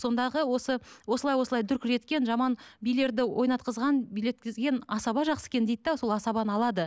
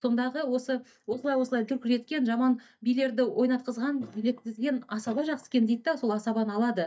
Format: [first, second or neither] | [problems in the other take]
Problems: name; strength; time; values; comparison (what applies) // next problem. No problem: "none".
first | noise reduction (neural mask model DeepFilterNet 3)